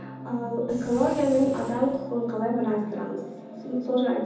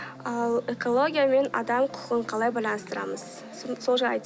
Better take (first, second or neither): second